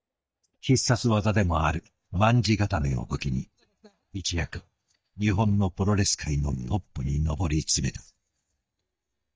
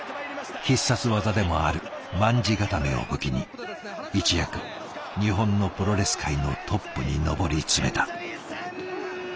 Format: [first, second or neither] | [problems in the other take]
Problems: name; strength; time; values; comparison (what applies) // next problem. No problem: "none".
second | noise reduction (neural mask model DeepFilterNet 3)